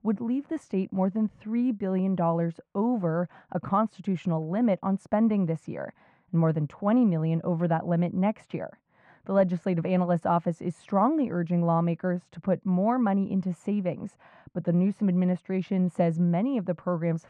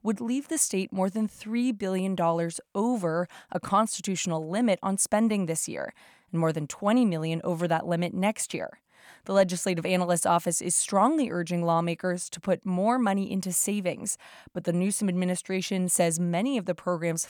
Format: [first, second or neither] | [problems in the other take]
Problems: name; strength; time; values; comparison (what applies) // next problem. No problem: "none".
second | muffled; very; fading above 1.5 kHz